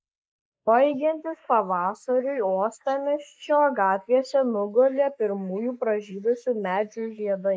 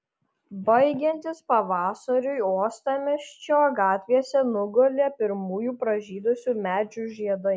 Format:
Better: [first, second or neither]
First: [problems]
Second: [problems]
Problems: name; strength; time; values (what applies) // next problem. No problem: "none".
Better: second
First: noise reduction (neural mask model Resemble Enhance denoiser)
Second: none